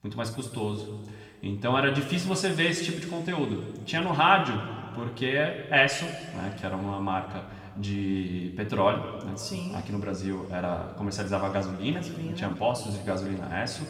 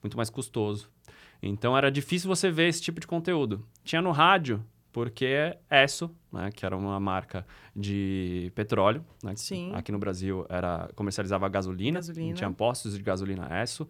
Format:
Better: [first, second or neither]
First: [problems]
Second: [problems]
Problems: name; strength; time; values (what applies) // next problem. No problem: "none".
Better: second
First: room echo; noticeable; dies away in 1.7 s // off-mic speech; somewhat distant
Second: none